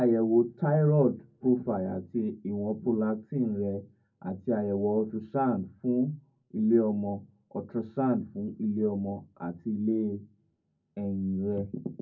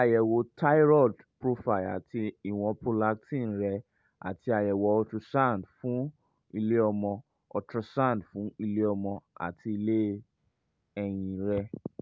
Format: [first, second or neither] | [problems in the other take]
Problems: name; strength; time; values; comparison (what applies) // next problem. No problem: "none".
second | room echo; dies away in 0.3 s